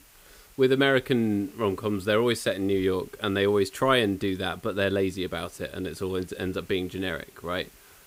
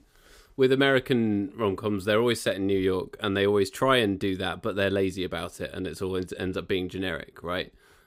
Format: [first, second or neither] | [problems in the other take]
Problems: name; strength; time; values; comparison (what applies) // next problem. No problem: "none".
second | hiss; faint; throughout; 25 dB below the speech